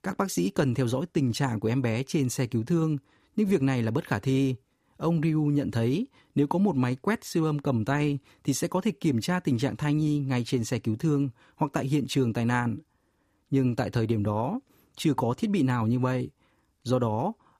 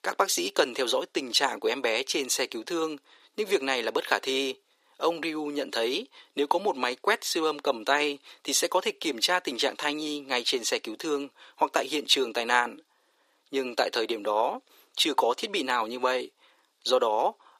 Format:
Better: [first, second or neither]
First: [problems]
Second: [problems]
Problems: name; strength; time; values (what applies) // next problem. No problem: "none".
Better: first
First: none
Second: thin; very; fading below 400 Hz